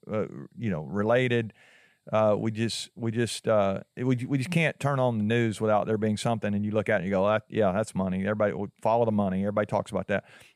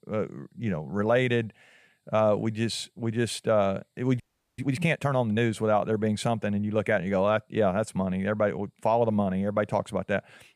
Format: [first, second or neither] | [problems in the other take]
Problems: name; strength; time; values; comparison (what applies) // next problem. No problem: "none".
first | audio freezing; at 4 s